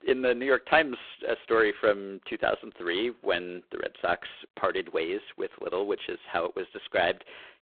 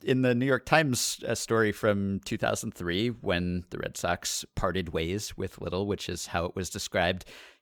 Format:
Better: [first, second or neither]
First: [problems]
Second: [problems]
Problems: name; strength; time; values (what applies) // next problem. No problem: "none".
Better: second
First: phone-call audio; poor line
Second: none